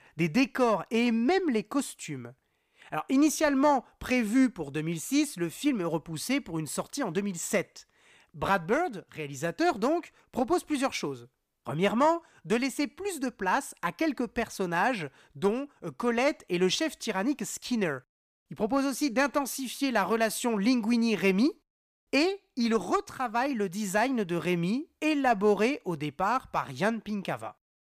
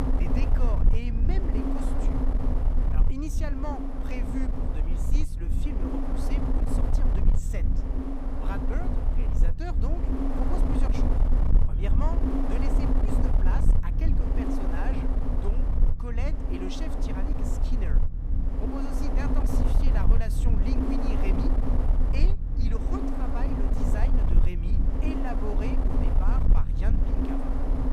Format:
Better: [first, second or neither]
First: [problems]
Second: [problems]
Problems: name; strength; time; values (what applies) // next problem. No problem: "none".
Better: first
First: none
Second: wind noise on the microphone; heavy; 3 dB above the speech